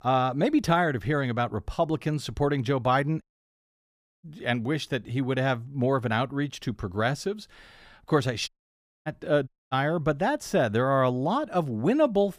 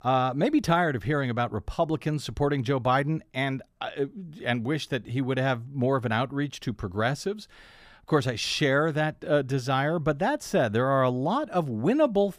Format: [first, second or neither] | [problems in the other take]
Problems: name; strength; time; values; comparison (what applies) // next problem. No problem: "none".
second | audio cutting out; at 3 s for 1 s, at 8.5 s for 0.5 s and at 9.5 s